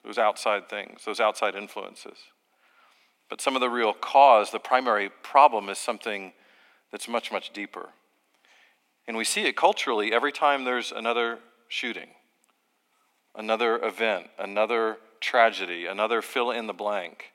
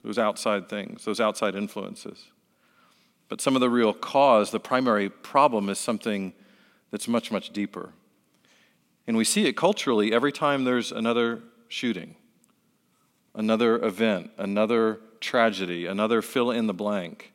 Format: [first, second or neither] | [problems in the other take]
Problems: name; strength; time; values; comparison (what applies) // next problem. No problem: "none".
second | thin; somewhat; fading below 300 Hz